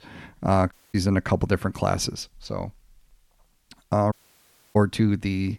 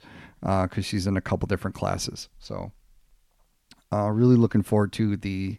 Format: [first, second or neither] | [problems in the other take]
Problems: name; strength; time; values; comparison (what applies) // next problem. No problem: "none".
second | audio cutting out; at 0.5 s and at 4 s for 0.5 s